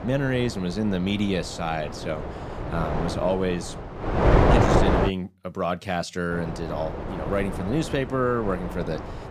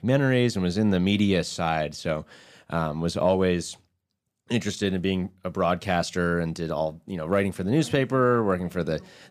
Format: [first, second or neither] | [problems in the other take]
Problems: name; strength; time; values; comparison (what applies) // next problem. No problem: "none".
second | wind noise on the microphone; heavy; until 5 s and from 6.5 s on; 1 dB above the speech